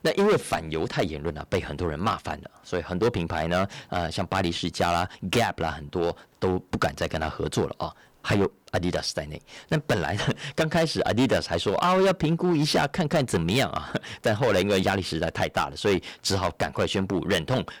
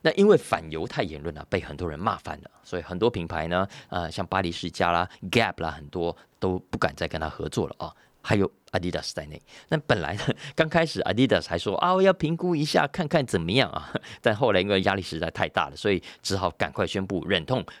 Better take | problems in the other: second | distortion; heavy; 8% of the sound clipped

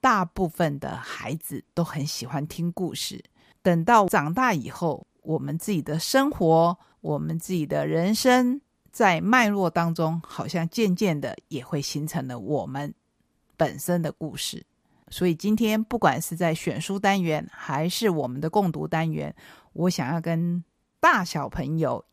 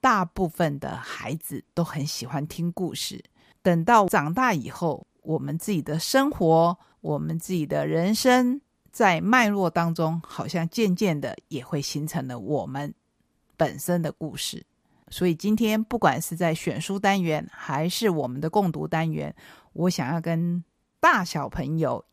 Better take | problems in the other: neither | none

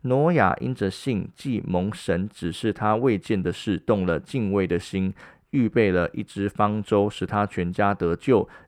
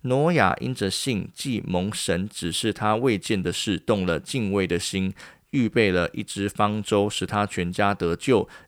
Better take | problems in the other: second | muffled; slightly; fading above 2.5 kHz

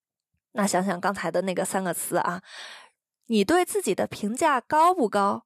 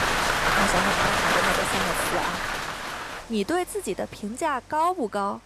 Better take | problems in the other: first | rain or running water; very loud; throughout; 5 dB above the speech

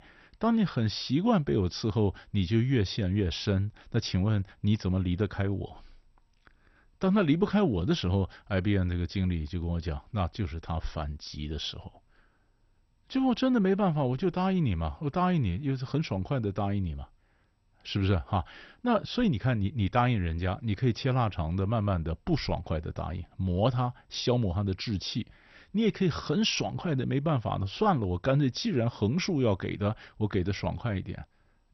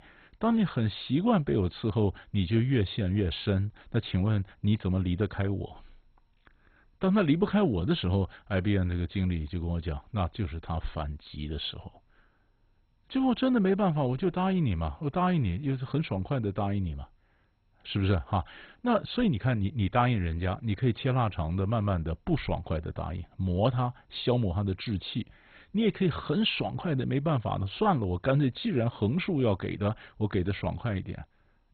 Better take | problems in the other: first | garbled, watery; badly; nothing above 4 kHz; slightly in the first

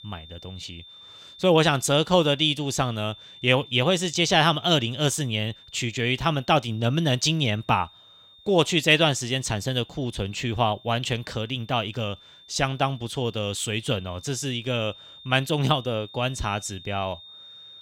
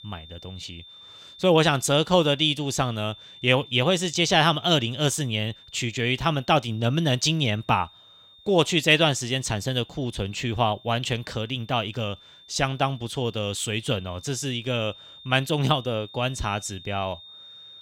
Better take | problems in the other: neither | high-pitched whine; faint; throughout; 3.5 kHz, 20 dB below the speech; the same in both

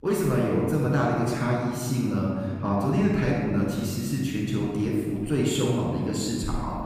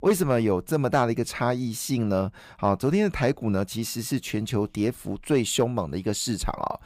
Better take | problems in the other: second | off-mic speech; far // room echo; strong; dies away in 2 s

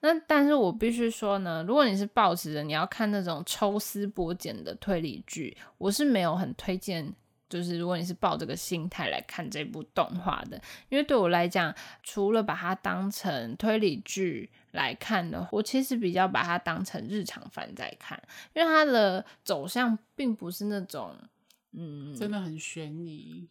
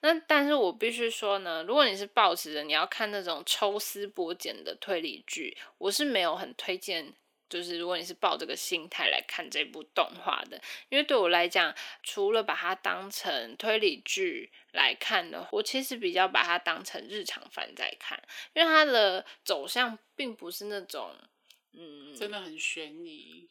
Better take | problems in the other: first | thin; somewhat; fading below 350 Hz

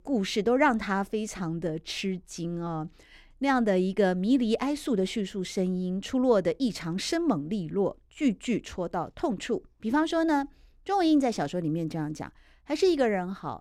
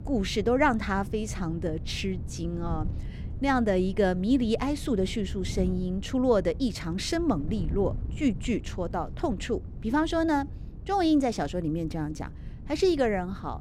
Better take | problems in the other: first | wind noise on the microphone; occasional gusts; 20 dB below the speech

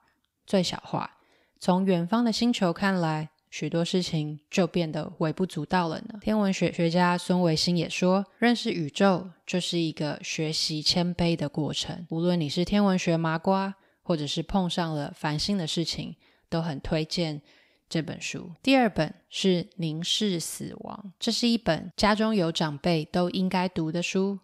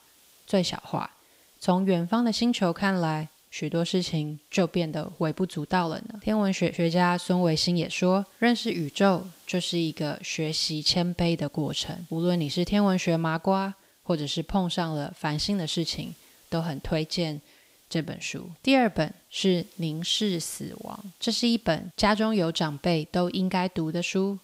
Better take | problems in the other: first | hiss; faint; throughout; 30 dB below the speech

